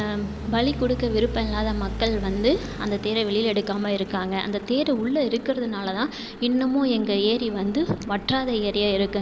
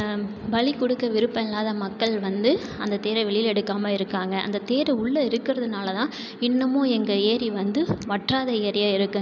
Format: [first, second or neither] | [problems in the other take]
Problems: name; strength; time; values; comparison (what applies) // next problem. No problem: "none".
second | background sound (Idling / Truck); 13 dB below the speech